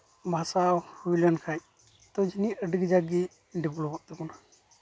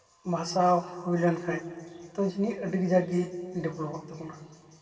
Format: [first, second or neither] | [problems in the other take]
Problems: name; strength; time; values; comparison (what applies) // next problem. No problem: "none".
first | room echo; dies away in 2.5 s